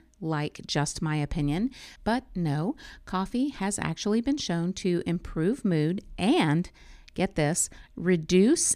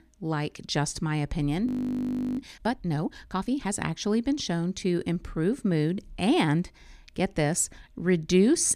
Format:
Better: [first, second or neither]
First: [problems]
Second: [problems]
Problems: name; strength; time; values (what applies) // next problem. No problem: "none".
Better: first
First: none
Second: audio freezing; at 1.5 s for 0.5 s